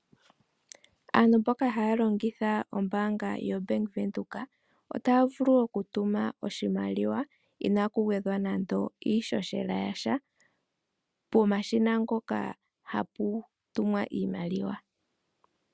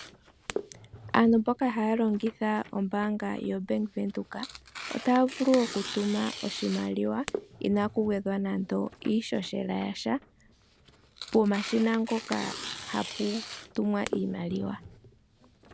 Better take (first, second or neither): first